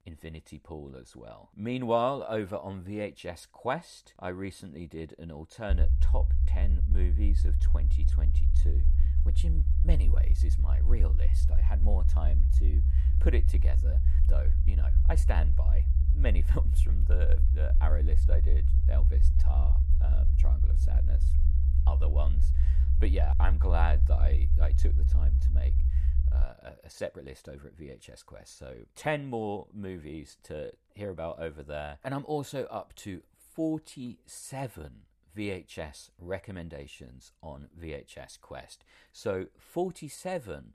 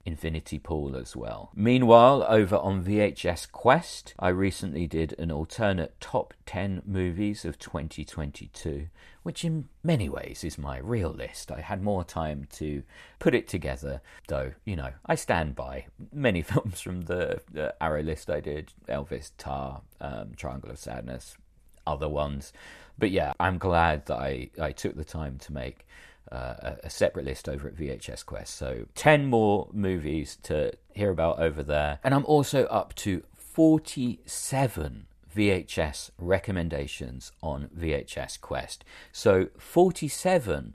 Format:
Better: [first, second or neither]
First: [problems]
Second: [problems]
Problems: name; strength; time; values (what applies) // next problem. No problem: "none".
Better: second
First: low rumble; loud; from 5.5 to 26 s; 8 dB below the speech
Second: none